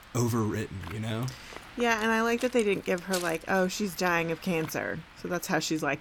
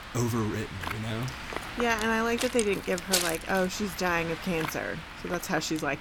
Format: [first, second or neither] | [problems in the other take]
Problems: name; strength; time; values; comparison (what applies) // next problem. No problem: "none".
first | wind noise on the microphone; heavy; 5 dB below the speech; occasional gusts in the first